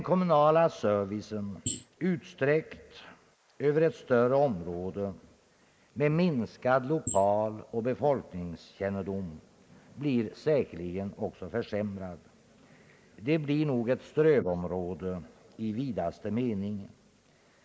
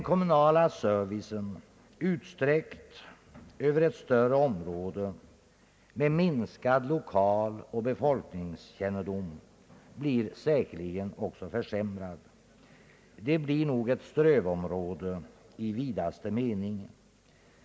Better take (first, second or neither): second